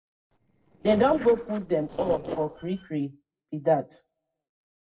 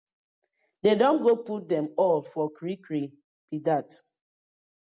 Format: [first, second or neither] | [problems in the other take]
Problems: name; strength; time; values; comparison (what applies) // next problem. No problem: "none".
second | noise reduction (neural separator model SepFormer DNS4)